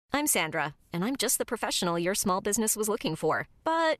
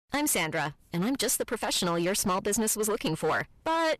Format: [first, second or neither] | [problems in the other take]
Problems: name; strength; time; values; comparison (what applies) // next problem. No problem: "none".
first | distortion; slight; 15% of the sound clipped